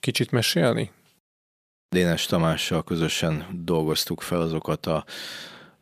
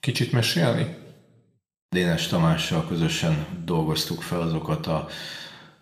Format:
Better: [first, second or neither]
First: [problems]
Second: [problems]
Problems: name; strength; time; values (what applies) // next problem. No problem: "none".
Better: first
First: none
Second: room echo; slight; dies away in 0.7 s